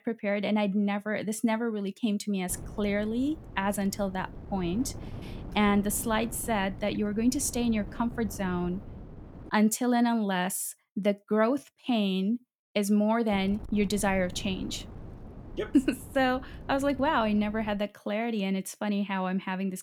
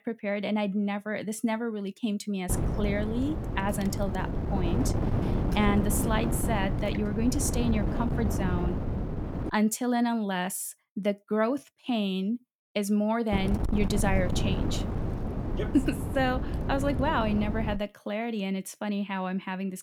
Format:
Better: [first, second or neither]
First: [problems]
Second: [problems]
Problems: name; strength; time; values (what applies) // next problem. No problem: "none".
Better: first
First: wind noise on the microphone; occasional gusts; from 2.5 to 9.5 s and from 13 to 18 s; 20 dB below the speech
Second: wind noise on the microphone; heavy; from 2.5 to 9.5 s and from 13 to 18 s; 6 dB below the speech